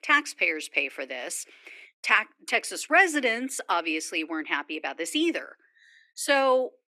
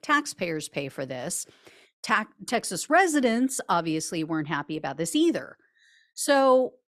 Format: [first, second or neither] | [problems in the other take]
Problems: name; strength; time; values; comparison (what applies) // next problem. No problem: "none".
second | thin; very slightly; fading below 300 Hz